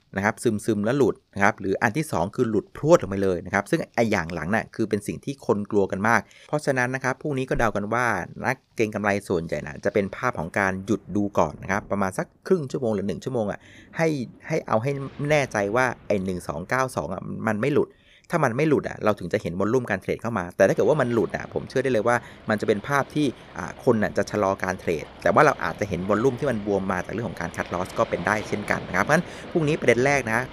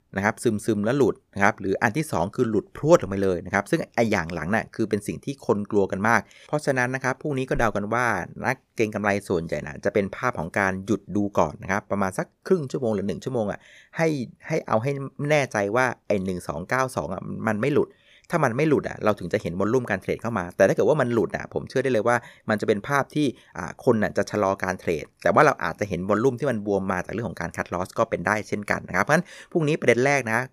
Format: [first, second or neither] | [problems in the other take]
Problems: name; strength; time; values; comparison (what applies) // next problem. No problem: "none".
second | rain or running water; noticeable; throughout; 20 dB below the speech